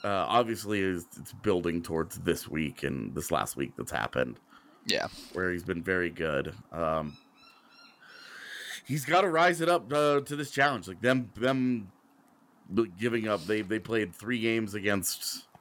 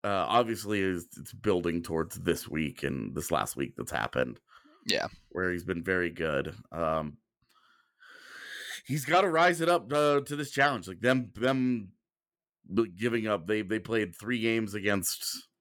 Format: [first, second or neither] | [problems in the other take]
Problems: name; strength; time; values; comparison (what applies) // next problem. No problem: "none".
second | animal sounds; faint; throughout; 30 dB below the speech